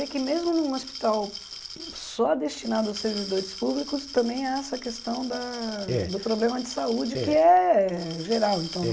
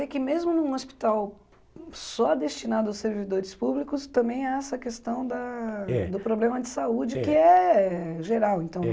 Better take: second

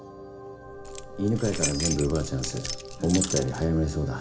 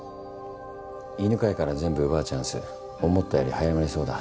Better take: second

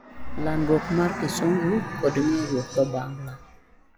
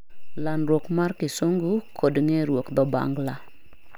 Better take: second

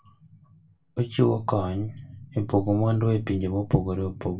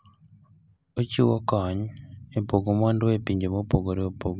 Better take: second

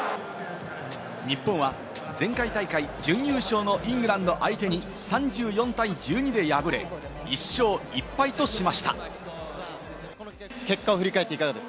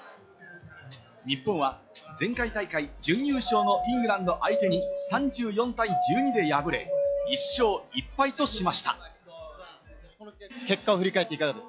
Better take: first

